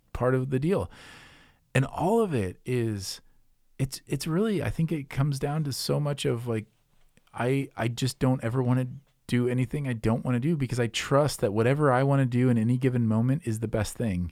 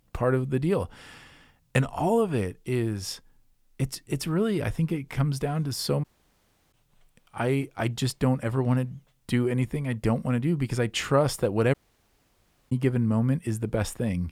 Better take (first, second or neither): first